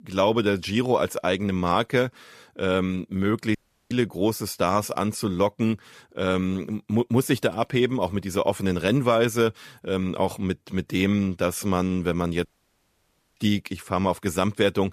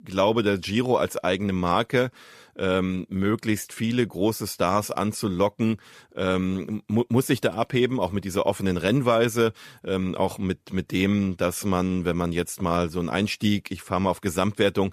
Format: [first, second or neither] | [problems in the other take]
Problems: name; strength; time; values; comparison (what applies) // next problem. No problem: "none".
second | audio cutting out; at 3.5 s and at 12 s for 1 s